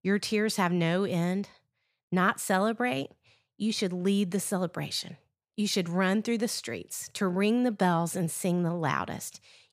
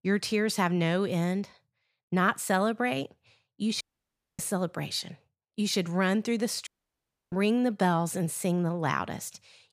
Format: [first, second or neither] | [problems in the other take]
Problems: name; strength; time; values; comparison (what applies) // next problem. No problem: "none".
first | audio cutting out; at 4 s for 0.5 s and at 6.5 s for 0.5 s